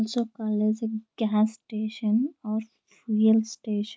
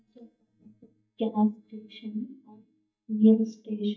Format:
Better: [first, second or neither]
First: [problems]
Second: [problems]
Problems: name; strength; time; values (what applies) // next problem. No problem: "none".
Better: first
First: none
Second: noise reduction (neural mask model DeepFilterNet 3)